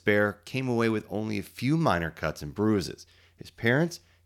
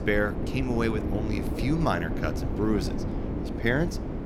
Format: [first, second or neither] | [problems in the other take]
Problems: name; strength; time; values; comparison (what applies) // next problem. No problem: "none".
first | wind noise on the microphone; heavy; 6 dB below the speech